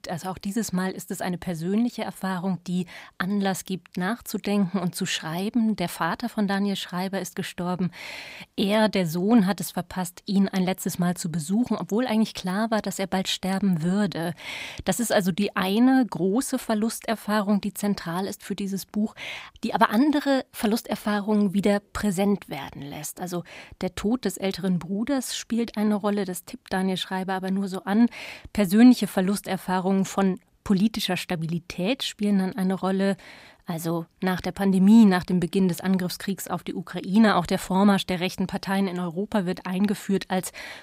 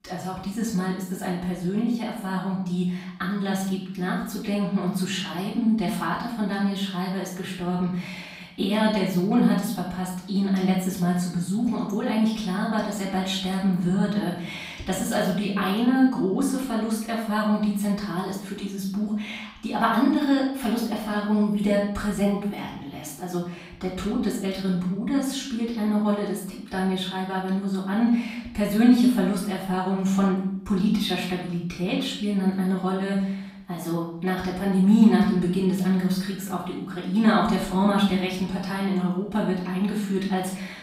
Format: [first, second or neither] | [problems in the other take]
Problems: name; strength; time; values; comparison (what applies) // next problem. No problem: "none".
first | off-mic speech; far // room echo; noticeable; dies away in 0.6 s